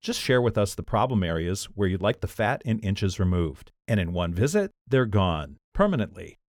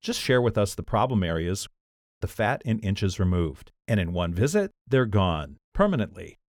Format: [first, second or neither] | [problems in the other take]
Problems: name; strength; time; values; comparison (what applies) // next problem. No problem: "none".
first | audio cutting out; at 1.5 s for 0.5 s